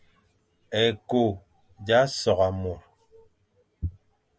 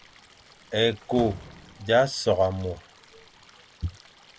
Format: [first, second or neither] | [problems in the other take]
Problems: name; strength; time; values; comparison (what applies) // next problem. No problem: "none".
first | background sound (Stream + Slam); 19 dB below the speech